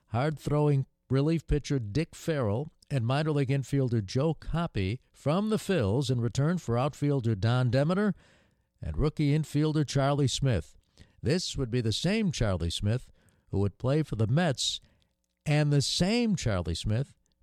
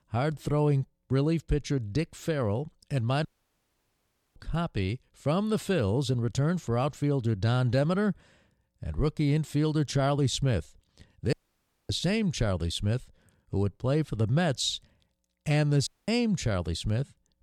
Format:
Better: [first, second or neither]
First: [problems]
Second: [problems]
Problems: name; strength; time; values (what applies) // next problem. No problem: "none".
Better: first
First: none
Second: audio cutting out; at 3.5 s for 1 s, at 11 s for 0.5 s and at 16 s